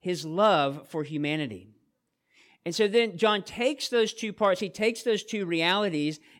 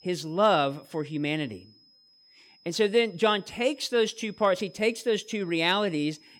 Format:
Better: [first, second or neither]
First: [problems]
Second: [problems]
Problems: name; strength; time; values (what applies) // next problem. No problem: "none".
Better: first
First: none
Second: high-pitched whine; faint; throughout; 5 kHz, 30 dB below the speech